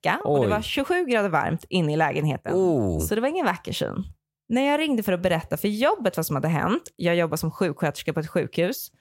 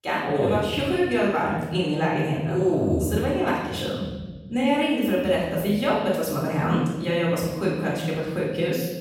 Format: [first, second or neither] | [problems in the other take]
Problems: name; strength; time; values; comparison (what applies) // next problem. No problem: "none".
first | off-mic speech; far // room echo; noticeable; dies away in 1.3 s